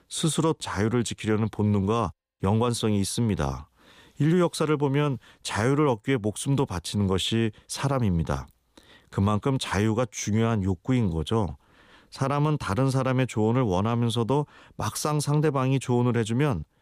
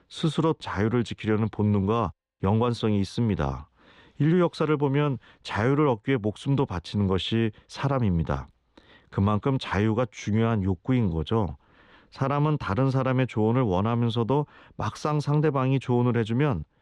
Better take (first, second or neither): first